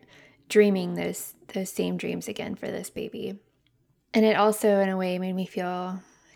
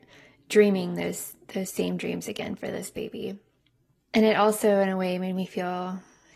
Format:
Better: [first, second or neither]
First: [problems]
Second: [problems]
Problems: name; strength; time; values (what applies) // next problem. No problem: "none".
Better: first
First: none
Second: garbled, watery; slightly; nothing above 13.5 kHz